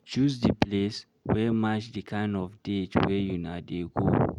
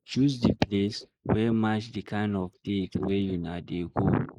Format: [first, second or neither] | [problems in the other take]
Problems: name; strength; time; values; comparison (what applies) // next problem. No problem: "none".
first | noise reduction (neural mask model Resemble Enhance denoiser)